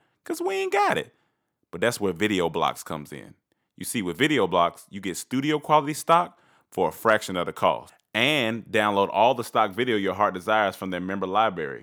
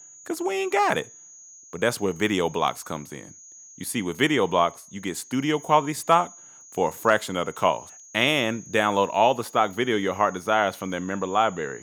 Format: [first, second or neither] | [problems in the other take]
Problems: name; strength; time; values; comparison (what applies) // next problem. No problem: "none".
first | high-pitched whine; faint; throughout; 6.5 kHz, 20 dB below the speech